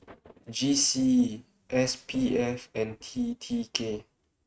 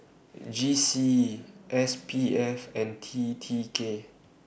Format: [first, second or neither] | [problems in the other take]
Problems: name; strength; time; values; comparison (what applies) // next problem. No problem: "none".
second | noise reduction (neural mask model RNNoise)